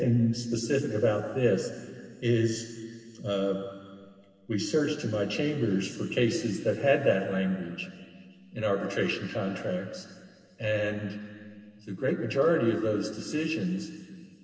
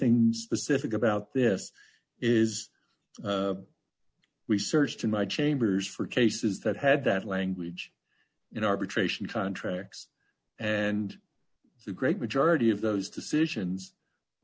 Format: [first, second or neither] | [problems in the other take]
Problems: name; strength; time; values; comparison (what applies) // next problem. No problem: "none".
second | room echo; dies away in 2.3 s